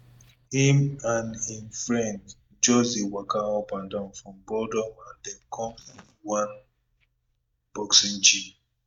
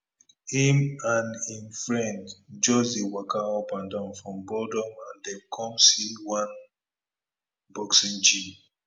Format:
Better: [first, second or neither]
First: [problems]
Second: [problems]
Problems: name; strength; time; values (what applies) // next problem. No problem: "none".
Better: second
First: noise reduction (neural mask model DeepFilterNet 3)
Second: none